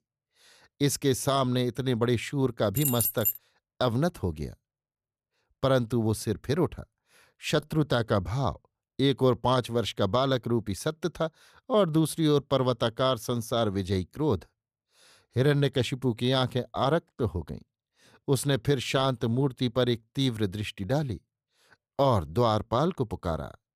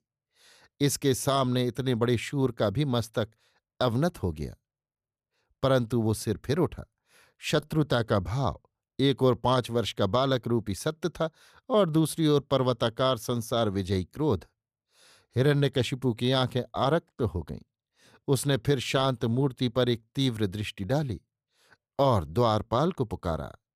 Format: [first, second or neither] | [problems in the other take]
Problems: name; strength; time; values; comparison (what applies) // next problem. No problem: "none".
second | jangling keys; loud; at 3 s; peak 2 dB above the speech